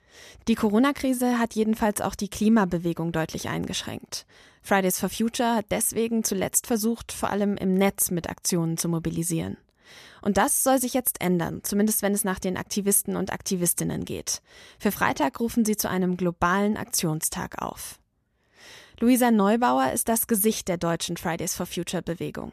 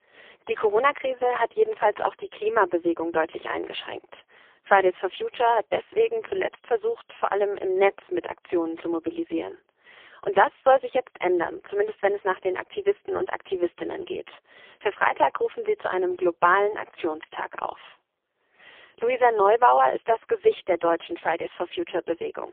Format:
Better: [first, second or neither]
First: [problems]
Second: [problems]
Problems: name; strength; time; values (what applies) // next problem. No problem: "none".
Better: first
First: none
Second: phone-call audio; poor line; nothing above 3 kHz